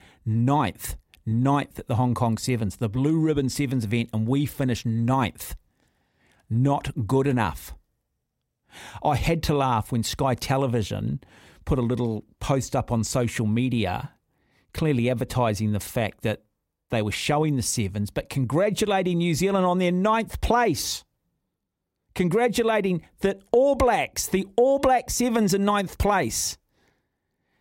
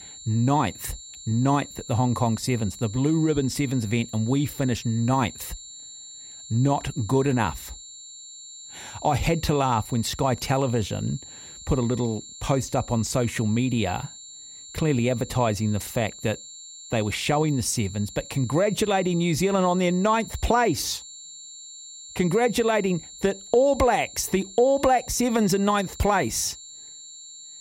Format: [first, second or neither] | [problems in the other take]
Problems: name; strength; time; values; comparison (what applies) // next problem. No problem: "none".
first | high-pitched whine; noticeable; throughout; 7.5 kHz, 15 dB below the speech